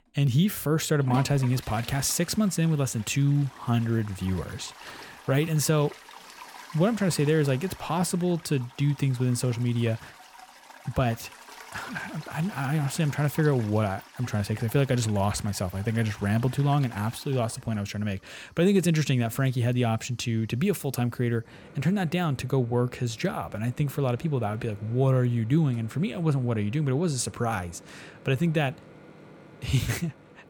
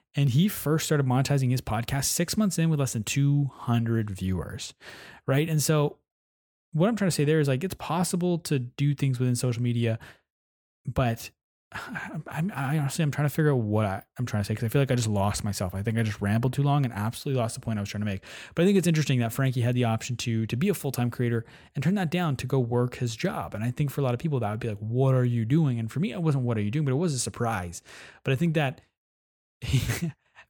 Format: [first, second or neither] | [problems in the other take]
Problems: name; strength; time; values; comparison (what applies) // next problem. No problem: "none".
second | household noises; noticeable; throughout; 20 dB below the speech